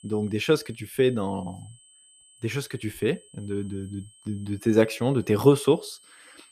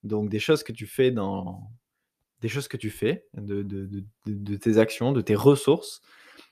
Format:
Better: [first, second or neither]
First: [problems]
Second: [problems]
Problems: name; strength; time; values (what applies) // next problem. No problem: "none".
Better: second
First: high-pitched whine; faint; throughout; 8 kHz, 25 dB below the speech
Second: none